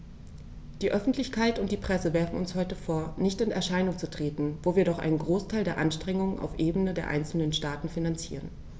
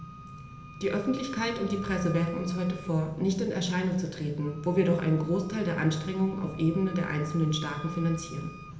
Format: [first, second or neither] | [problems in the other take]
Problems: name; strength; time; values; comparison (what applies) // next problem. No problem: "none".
first | background sound (Wind instrument, woodwind instrument); 18 dB below the speech // room echo; dies away in 0.8 s